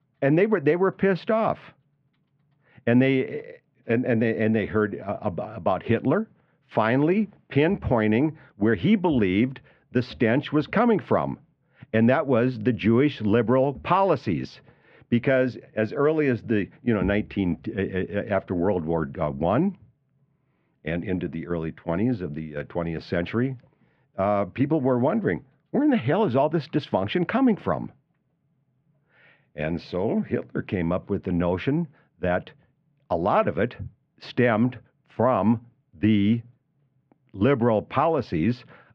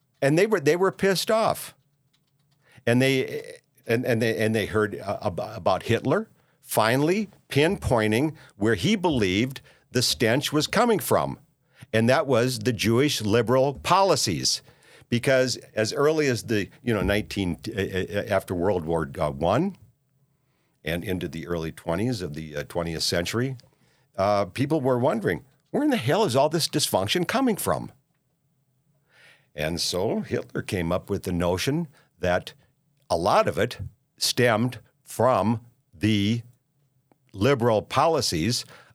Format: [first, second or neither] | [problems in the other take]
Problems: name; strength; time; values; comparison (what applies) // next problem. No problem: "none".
second | muffled; very; fading above 2.5 kHz